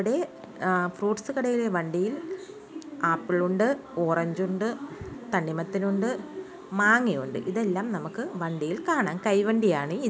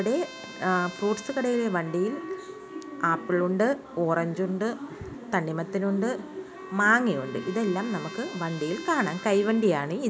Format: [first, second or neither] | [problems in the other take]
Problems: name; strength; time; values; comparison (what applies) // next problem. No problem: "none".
first | background sound (Wind instrument, woodwind instrument + Trumpet); 18 dB below the speech